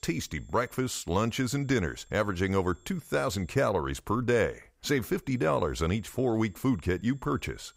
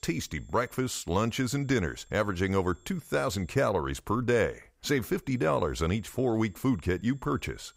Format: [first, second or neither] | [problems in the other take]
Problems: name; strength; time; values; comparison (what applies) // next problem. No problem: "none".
neither | high-pitched whine; faint; until 3.5 s and from 5.5 s on; 7.5 kHz, 35 dB below the speech; the same in both